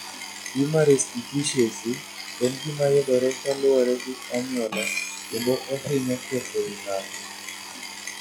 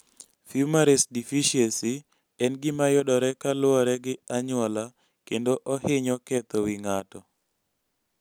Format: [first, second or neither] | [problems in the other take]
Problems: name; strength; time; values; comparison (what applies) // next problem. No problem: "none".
second | noise reduction (classical method log-MMSE)